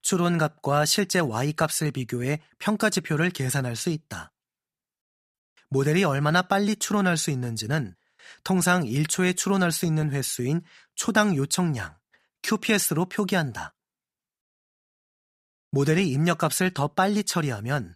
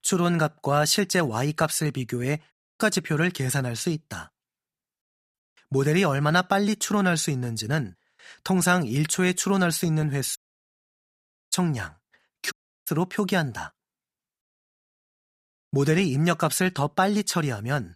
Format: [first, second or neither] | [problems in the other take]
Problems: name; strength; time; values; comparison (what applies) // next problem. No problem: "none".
first | audio cutting out; at 2.5 s, at 10 s for 1 s and at 13 s